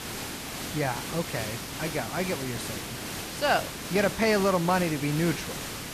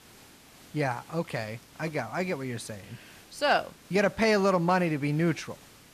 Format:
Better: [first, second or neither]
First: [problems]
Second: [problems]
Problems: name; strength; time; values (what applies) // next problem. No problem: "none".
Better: second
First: hiss; loud; throughout; 6 dB below the speech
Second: hiss; faint; throughout; 25 dB below the speech